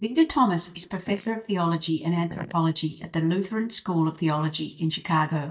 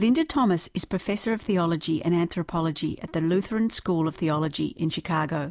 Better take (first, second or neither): second